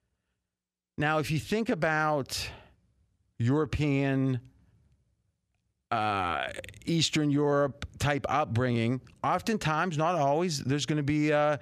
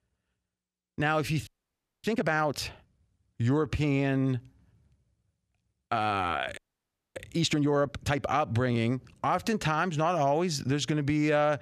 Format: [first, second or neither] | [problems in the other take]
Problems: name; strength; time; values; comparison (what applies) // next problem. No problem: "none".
first | audio freezing; at 1.5 s for 0.5 s and at 6.5 s for 0.5 s